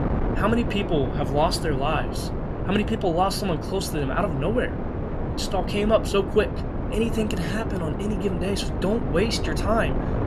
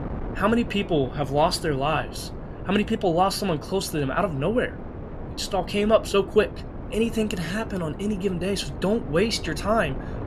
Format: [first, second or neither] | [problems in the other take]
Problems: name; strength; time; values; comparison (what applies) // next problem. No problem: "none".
second | wind noise on the microphone; heavy; 7 dB below the speech; occasional gusts in the second